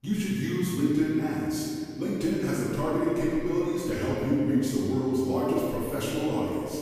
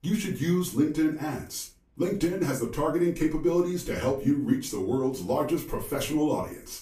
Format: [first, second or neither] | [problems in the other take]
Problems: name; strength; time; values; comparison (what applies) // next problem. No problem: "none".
second | room echo; strong; dies away in 2.3 s; slight in the second // off-mic speech; far; far in the second